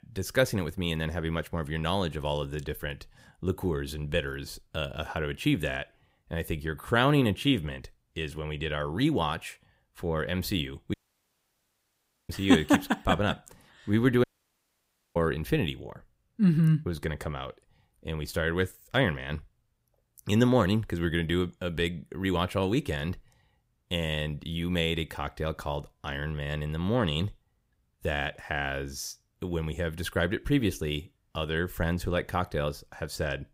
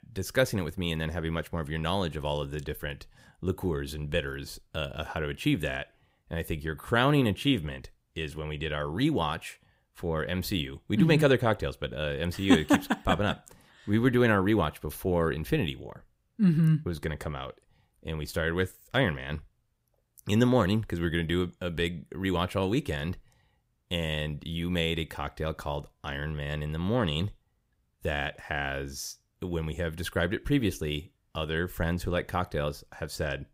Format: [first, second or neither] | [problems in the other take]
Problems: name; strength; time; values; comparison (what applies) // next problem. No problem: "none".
second | audio cutting out; at 11 s for 1.5 s and at 14 s for 1 s